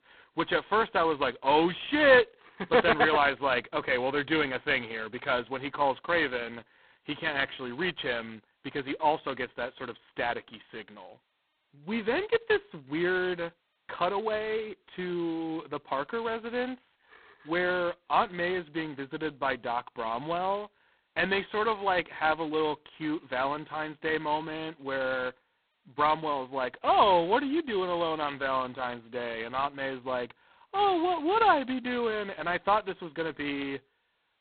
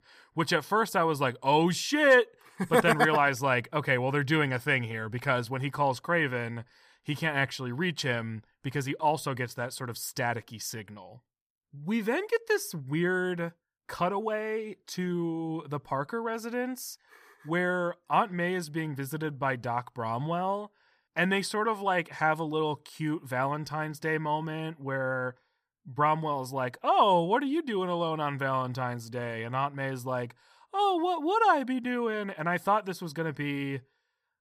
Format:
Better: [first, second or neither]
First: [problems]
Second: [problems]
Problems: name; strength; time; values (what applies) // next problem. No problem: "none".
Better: second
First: phone-call audio; poor line; nothing above 4 kHz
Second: none